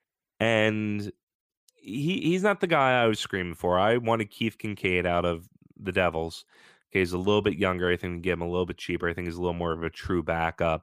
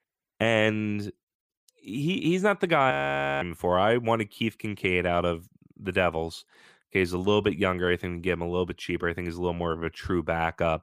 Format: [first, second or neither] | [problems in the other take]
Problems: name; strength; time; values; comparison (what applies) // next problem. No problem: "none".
first | audio freezing; at 3 s for 0.5 s